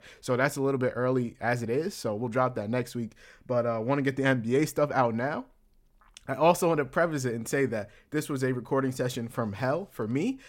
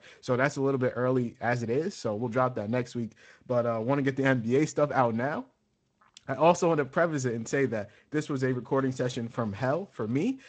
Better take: first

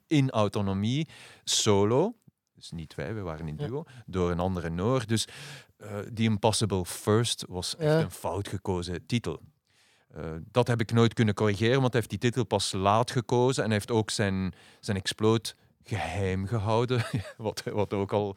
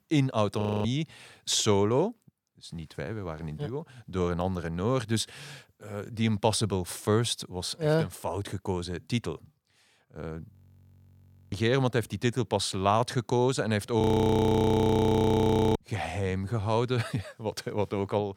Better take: first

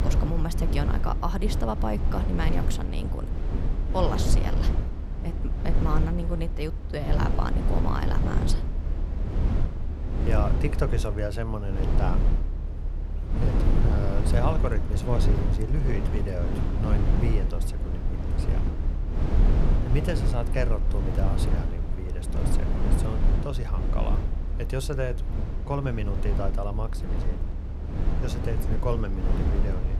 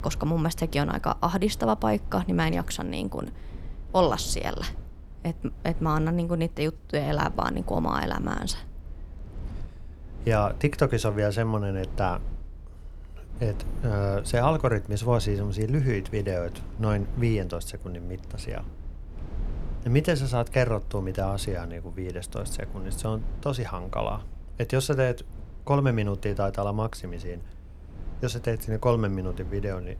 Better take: second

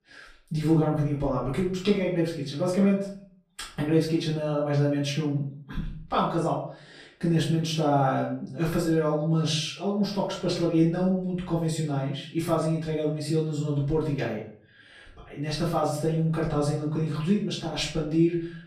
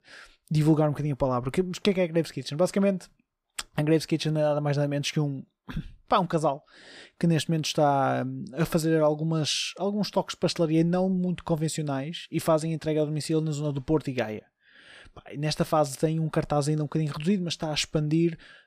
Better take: second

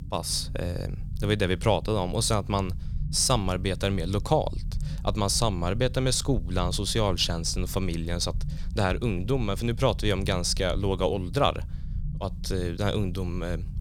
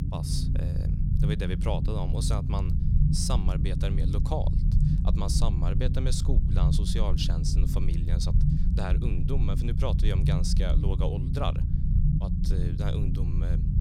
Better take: first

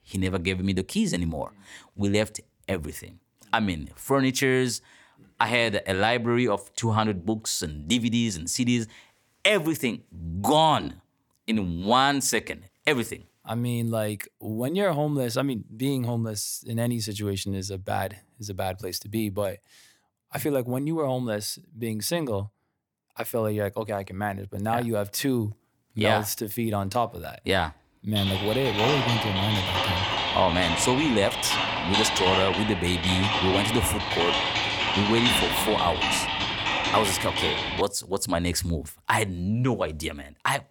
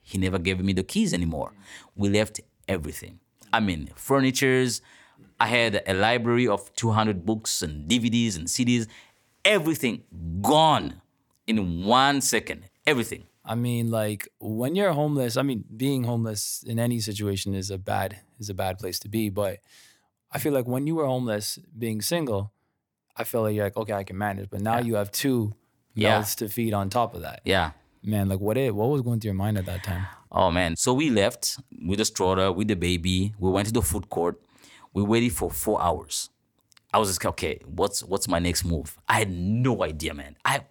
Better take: second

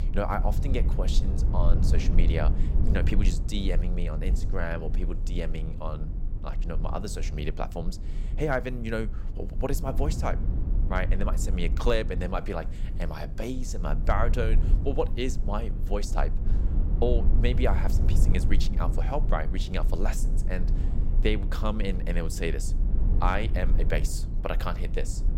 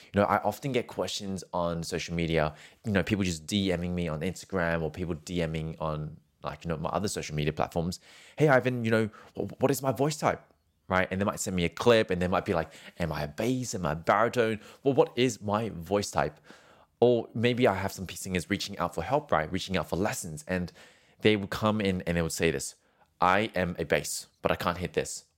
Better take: second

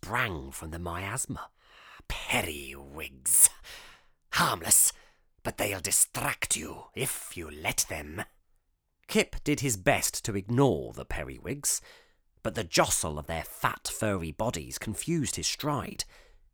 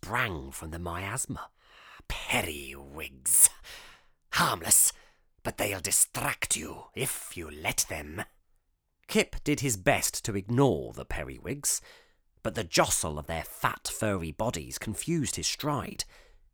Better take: neither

